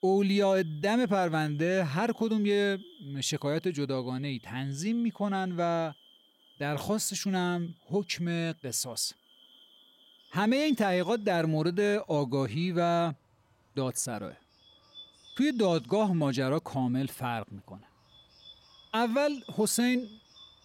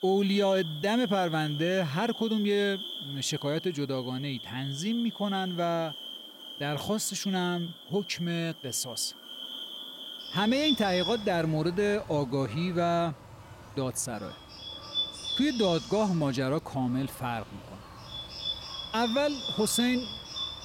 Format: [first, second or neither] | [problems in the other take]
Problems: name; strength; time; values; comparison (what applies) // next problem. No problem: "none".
first | animal sounds; loud; throughout; 8 dB below the speech; faint in the first